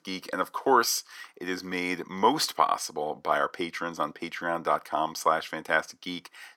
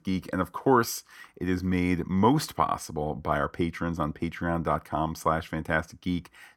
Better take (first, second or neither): second